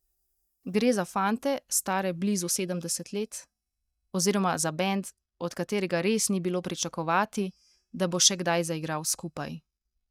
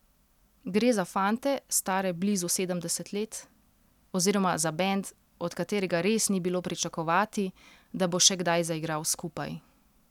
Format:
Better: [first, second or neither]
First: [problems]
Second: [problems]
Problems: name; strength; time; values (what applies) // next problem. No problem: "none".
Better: second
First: noise reduction (neural mask model DeepFilterNet 3)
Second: none